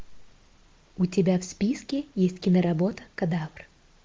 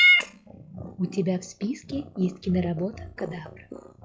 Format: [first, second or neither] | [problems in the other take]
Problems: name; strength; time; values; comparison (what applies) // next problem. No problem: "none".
first | noise reduction (classical method log-MMSE)